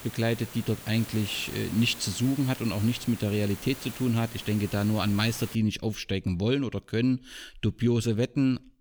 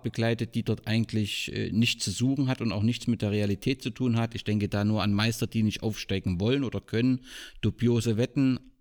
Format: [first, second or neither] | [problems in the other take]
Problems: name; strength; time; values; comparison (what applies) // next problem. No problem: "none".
second | hiss; noticeable; until 5.5 s; 15 dB below the speech